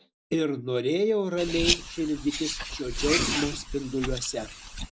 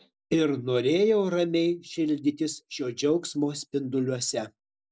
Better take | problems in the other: second | background sound (Car); 2 dB below the speech

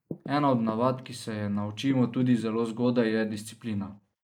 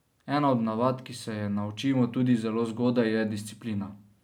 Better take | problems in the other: second | noise reduction (neural mask model Resemble Enhance denoiser)

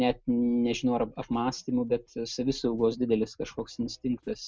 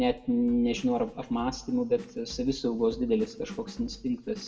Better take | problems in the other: first | background sound (Drum kit); 18 dB below the speech // room echo; dies away in 1.3 s

